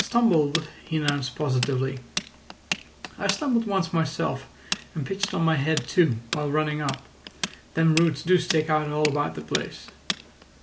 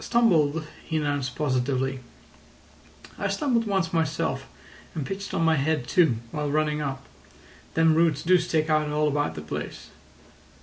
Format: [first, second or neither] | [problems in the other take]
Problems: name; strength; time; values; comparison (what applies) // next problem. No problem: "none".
second | background sound (Tools); 10 dB below the speech